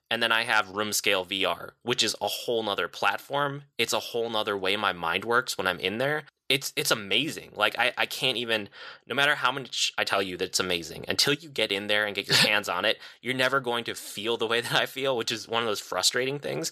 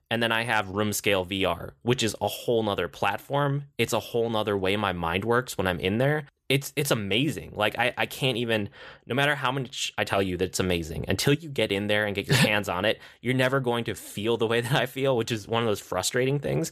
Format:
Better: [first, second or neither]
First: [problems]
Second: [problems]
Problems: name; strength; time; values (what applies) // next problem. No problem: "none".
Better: second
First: thin; somewhat; fading below 450 Hz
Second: none